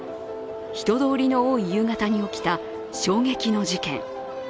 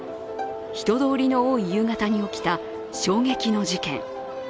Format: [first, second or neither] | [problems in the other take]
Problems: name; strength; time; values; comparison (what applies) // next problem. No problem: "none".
first | background sound (Bowed string instrument); 14 dB below the speech